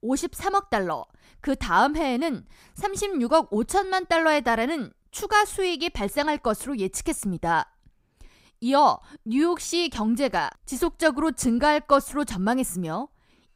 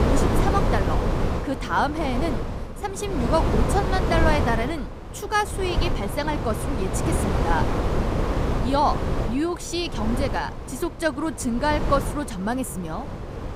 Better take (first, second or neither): first